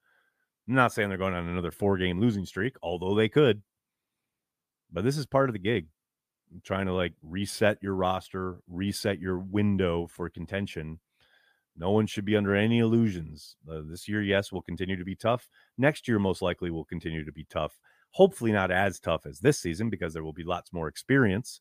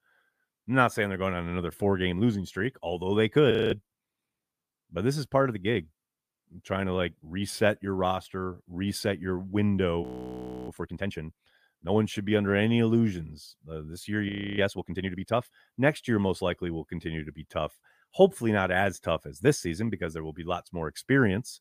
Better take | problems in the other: first | audio freezing; at 3.5 s, at 10 s for 0.5 s and at 14 s

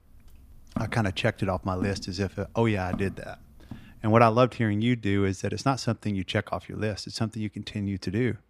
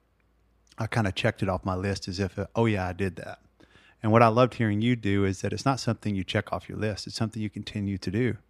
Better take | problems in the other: second | footsteps; noticeable; from 1 to 4 s; peak 9 dB below the speech

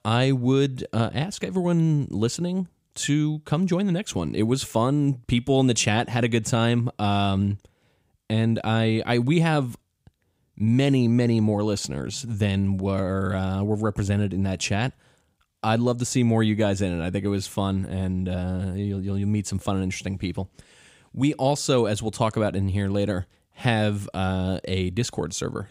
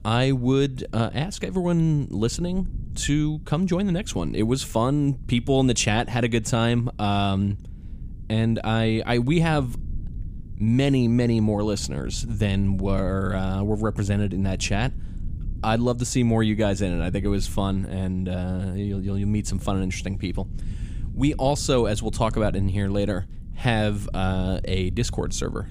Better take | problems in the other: first | low rumble; faint; throughout; 25 dB below the speech

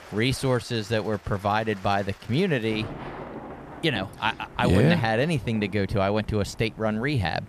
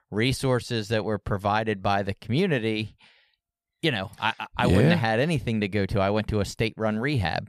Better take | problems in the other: second | rain or running water; noticeable; throughout; 15 dB below the speech

